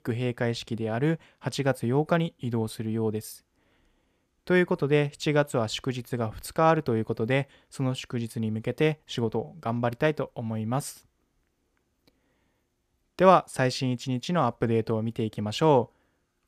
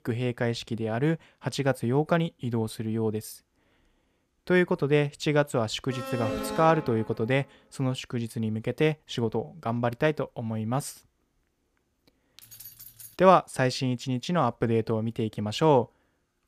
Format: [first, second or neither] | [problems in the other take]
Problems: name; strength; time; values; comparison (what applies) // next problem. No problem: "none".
first | alarm; noticeable; from 6 to 7 s; peak 5 dB below the speech // jangling keys; faint; at 12 s; peak 15 dB below the speech